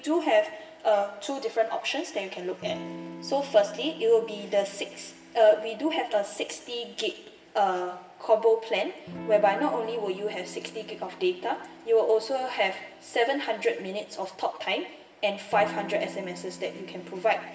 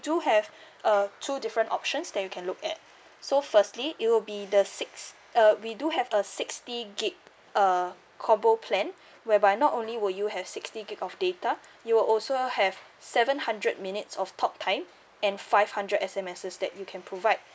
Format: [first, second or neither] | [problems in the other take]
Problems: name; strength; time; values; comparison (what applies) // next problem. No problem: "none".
second | background sound (Electric guitar / Strum); 18 dB below the speech // room echo; dies away in 1.1 s